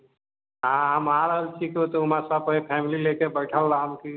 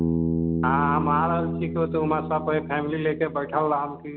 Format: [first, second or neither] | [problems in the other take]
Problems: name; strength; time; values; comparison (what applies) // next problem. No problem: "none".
first | background sound (Bass guitar); 2 dB below the speech